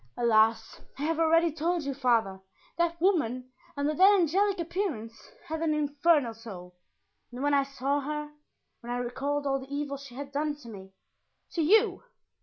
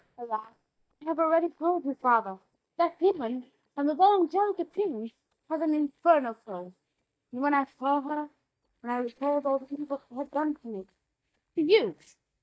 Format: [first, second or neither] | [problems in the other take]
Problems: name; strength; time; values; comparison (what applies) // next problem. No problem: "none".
first | noise reduction (neural mask model DeepFilterNet 3)